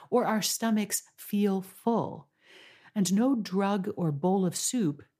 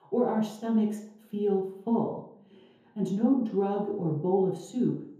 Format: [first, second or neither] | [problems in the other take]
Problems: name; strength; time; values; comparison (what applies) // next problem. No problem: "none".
first | room echo; noticeable; dies away in 1.7 s // off-mic speech; far